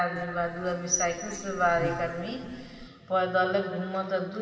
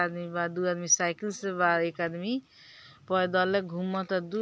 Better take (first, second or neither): second